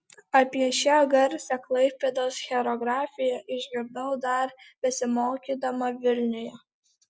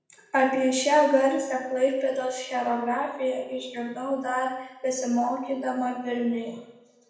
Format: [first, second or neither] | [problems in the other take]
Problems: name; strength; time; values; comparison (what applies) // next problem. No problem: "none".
first | room echo; dies away in 0.9 s